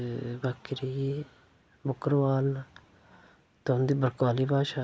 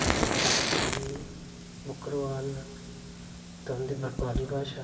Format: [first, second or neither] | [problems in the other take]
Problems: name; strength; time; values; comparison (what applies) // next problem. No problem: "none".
first | background sound (Fire); 4 dB above the speech // room echo; dies away in 2.7 s